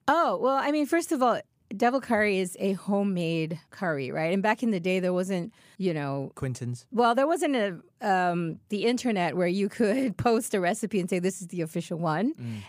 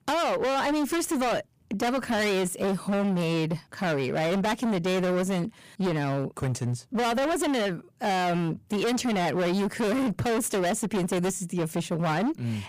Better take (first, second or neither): first